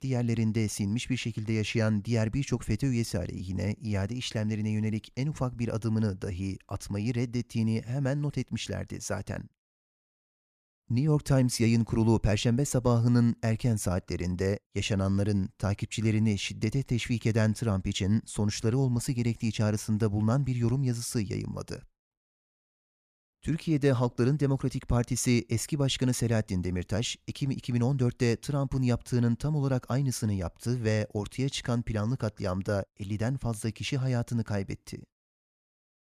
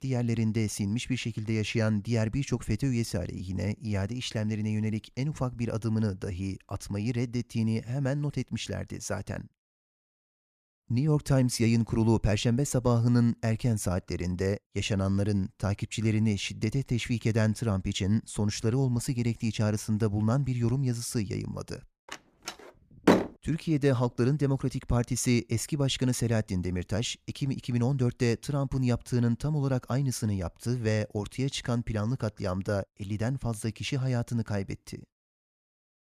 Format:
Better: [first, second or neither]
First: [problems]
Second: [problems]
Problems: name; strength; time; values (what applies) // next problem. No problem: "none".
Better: first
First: none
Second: door banging; loud; at 22 s; peak 5 dB above the speech